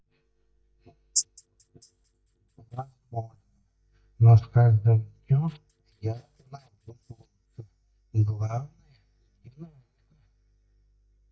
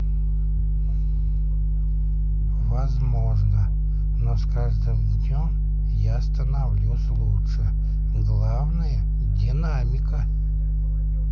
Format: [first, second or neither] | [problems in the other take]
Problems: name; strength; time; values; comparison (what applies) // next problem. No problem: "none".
second | noise reduction (neural mask model DeepFilterNet 3)